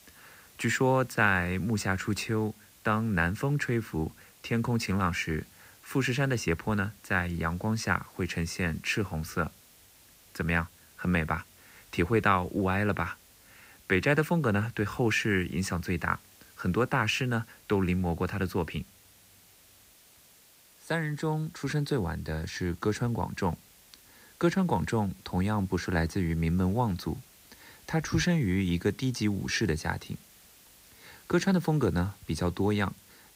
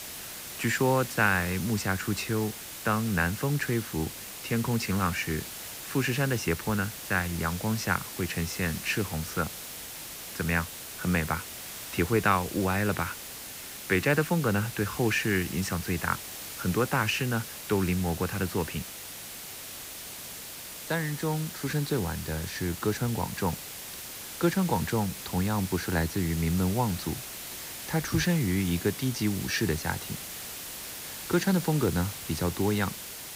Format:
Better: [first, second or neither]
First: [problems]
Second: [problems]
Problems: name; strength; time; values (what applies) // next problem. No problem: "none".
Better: first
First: hiss; faint; throughout; 25 dB below the speech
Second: hiss; loud; throughout; 9 dB below the speech